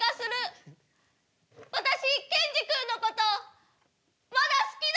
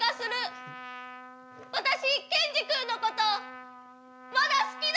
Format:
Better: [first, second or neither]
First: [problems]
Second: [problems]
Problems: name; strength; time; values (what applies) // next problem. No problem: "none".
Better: first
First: none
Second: background sound (Trumpet); 15 dB below the speech